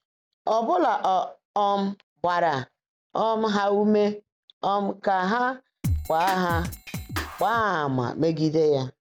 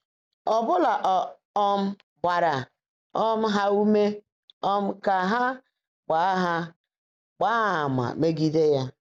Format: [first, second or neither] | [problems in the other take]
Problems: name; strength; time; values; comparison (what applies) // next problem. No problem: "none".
second | background sound (Drum kit); 6 dB below the speech